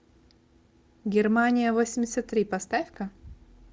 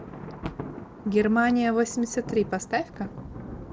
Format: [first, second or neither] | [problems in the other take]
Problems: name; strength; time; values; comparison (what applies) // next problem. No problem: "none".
first | background sound (Thunder); 12 dB below the speech